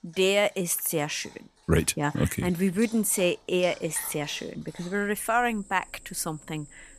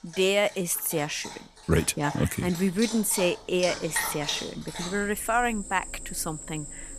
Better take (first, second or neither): first